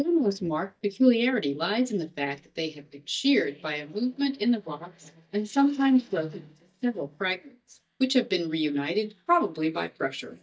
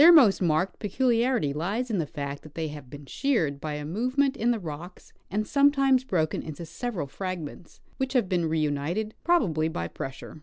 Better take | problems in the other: second | noise reduction (neural mask model DeepFilterNet 3)

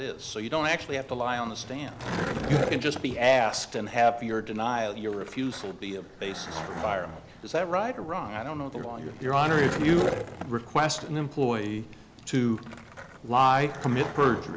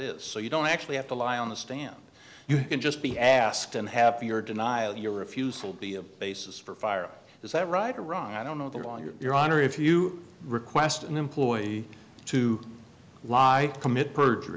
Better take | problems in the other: second | background sound (Skateboard); 9 dB below the speech

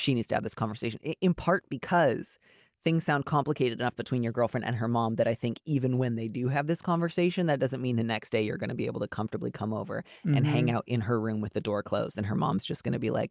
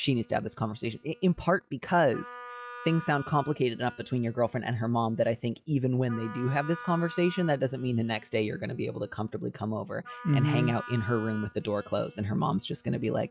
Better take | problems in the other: first | noise reduction (classical method log-MMSE)

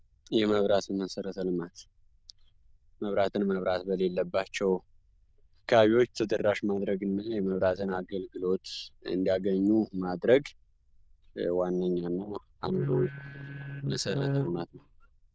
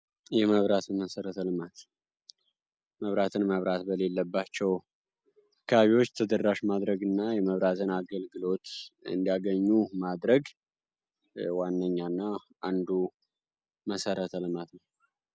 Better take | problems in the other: second | noise reduction (neural diffusion model UNIVERSE++)

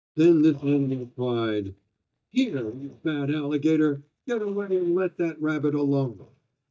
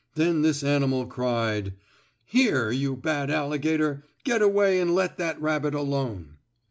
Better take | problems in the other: second | noise reduction (neural mask model DeepFilterNet 3)

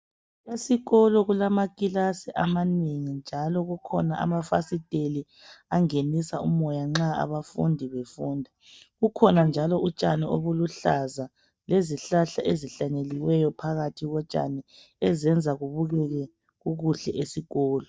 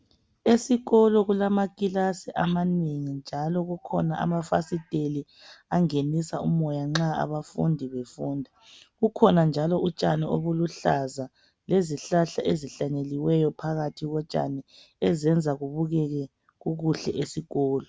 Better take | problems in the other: second | noise reduction (neural mask model DeepFilterNet 3)

